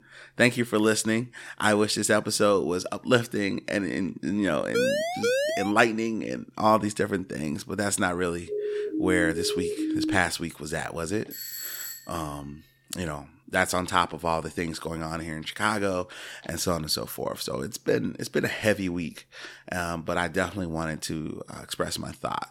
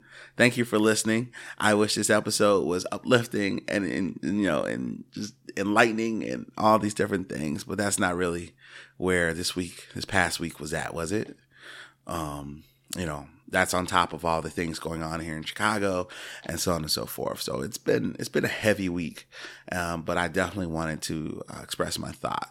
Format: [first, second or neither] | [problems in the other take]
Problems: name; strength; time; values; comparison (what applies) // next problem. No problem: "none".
second | siren; loud; at 4.5 s; peak 2 dB above the speech // siren; noticeable; from 8.5 to 10 s; peak 1 dB below the speech // doorbell; noticeable; at 11 s; peak 6 dB below the speech